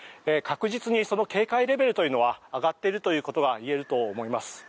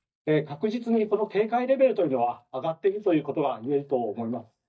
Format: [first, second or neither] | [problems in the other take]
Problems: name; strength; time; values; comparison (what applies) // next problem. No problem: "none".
first | noise reduction (neural mask model DeepFilterNet 3)